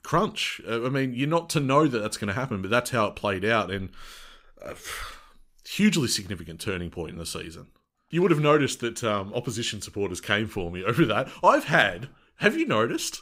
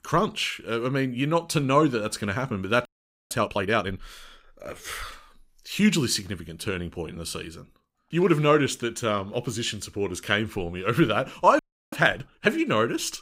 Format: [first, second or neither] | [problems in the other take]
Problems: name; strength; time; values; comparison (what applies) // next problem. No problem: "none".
first | audio freezing; at 3 s and at 12 s